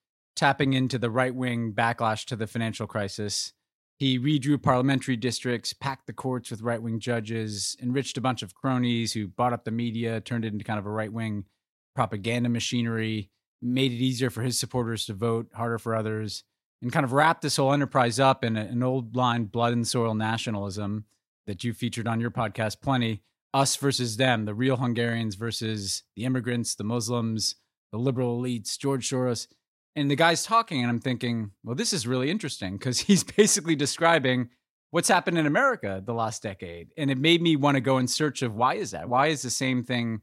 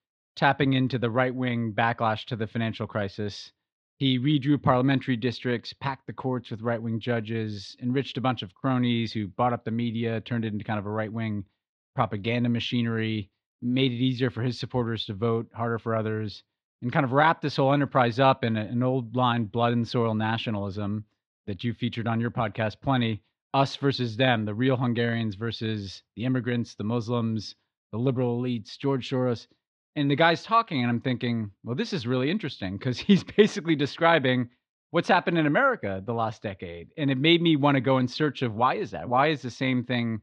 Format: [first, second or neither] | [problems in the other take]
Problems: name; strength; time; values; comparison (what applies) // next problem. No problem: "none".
first | muffled; slightly; fading above 3.5 kHz